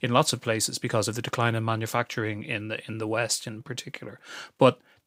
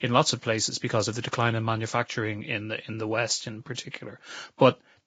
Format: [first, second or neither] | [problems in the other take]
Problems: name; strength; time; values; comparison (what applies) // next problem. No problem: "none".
first | garbled, watery; badly; nothing above 7.5 kHz